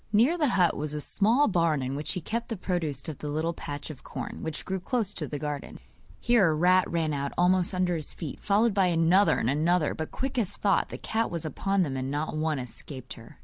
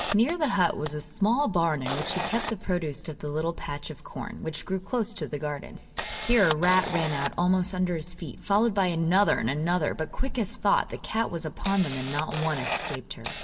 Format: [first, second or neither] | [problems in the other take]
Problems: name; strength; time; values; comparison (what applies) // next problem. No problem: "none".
first | background sound (Camera); 11 dB below the speech // room echo; dies away in 1.2 s